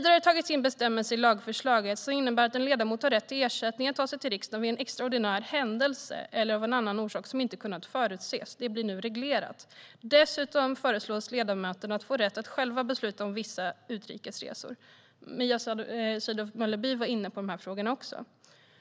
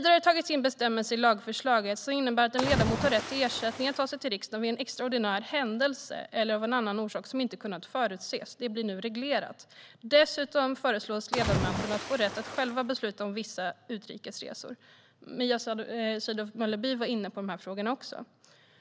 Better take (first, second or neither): first